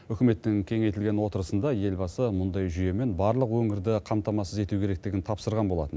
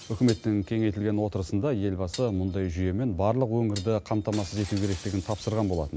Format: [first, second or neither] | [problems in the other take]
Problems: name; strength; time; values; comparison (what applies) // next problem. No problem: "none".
first | background sound (Glass + Shatter); 20 dB below the speech